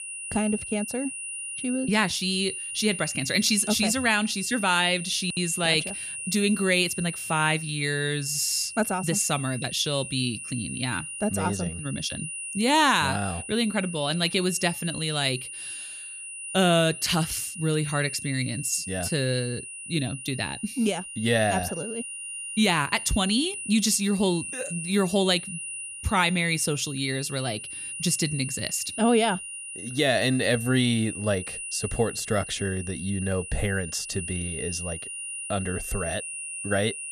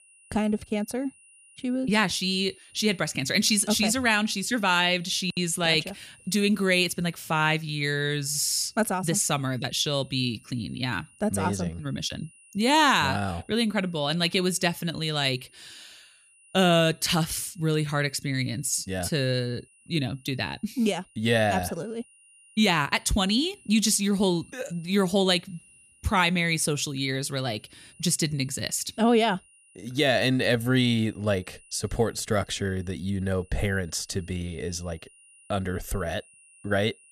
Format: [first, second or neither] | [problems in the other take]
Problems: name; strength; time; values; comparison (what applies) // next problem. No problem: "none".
second | high-pitched whine; loud; throughout; 9.5 kHz, 8 dB below the speech; faint in the second